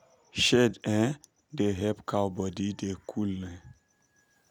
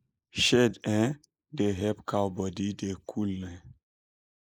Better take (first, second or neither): first